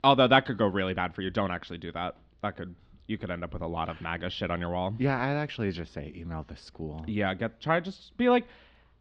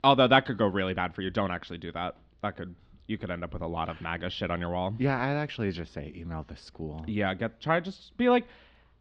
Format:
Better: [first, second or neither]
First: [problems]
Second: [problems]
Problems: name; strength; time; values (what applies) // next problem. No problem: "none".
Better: neither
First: muffled; slightly; fading above 4 kHz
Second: muffled; slightly; fading above 4 kHz